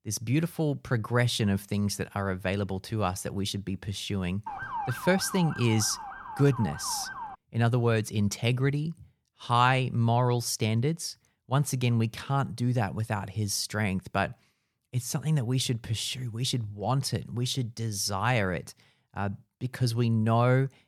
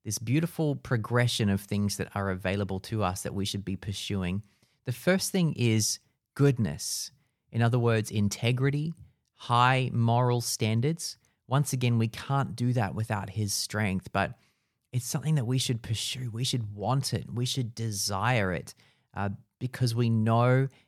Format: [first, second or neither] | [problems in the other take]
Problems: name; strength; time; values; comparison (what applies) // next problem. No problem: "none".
second | siren; noticeable; from 4.5 to 7.5 s; peak 6 dB below the speech